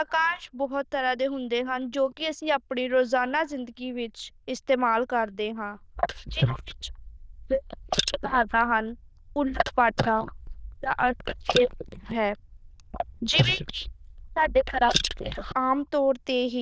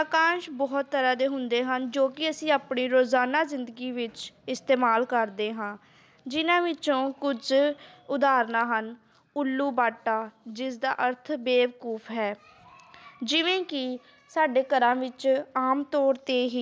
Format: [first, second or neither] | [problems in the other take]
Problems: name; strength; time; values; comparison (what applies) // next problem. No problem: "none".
second | noise reduction (neural diffusion model UNIVERSE++)